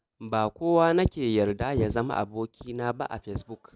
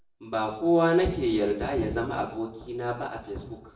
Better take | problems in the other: first | room echo; dies away in 0.7 s

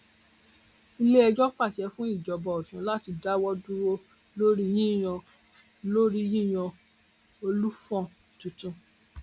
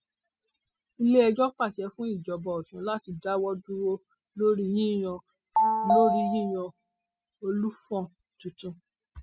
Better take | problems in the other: first | noise reduction (classical method spectral subtraction)

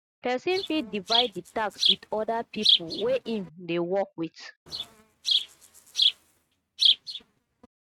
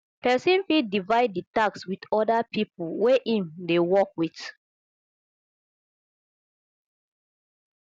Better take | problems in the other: second | noise reduction (neural mask model RNNoise)

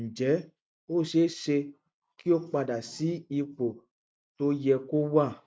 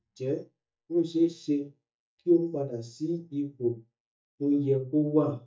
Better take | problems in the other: first | noise reduction (neural mask model DeepFilterNet 3)

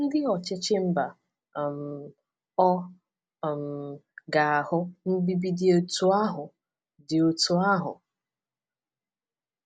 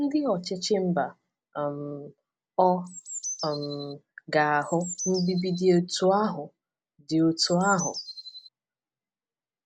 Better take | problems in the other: first | background sound (Bird); 10 dB below the speech

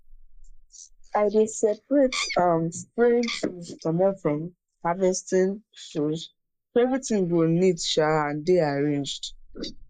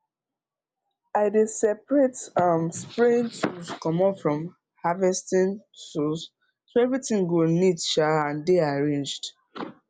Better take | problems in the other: second | noise reduction (neural mask model Resemble Enhance denoiser)

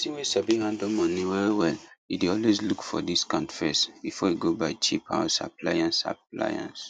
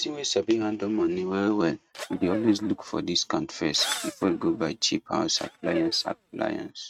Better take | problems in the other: first | noise reduction (neural mask model RNNoise)

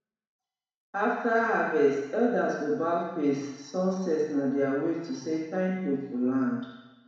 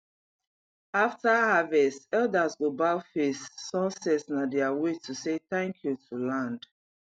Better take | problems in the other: second | room echo; dies away in 1.1 s

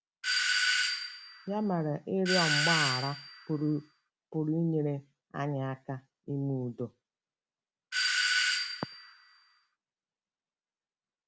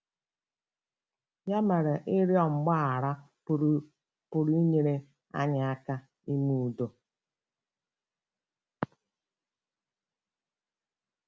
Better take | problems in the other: second | background sound (Doorbell); 3 dB above the speech

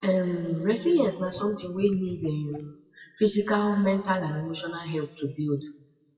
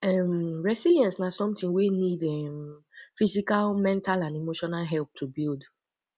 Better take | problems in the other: second | noise reduction (classical method WPE with log-MMSE)

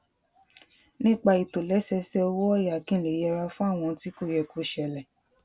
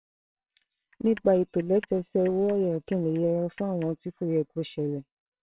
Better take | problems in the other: first | noise reduction (neural separator model SepFormer WHAMR!)

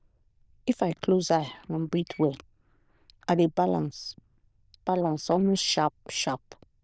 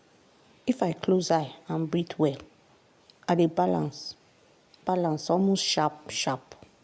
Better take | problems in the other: second | noise reduction (neural diffusion model UNIVERSE++)

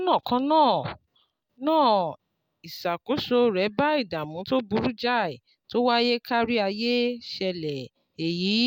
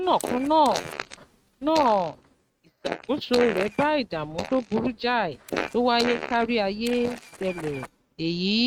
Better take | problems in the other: first | noise reduction (neural mask model RNNoise)

